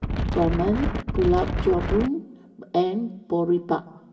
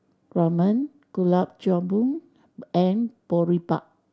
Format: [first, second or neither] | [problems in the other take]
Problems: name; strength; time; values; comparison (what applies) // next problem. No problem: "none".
second | background sound (Wind); 1 dB below the speech // room echo; dies away in 1.9 s